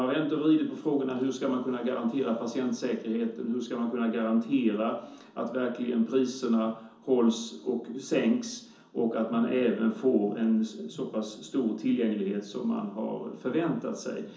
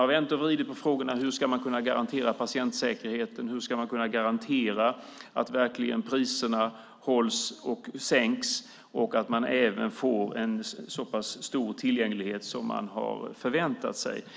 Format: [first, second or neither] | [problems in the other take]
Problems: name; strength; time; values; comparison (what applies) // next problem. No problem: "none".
second | room echo; dies away in 0.6 s